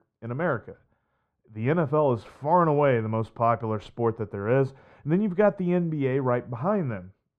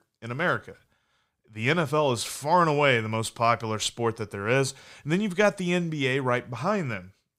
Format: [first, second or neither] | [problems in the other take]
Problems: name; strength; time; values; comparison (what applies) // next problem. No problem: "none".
second | muffled; very; fading above 2.5 kHz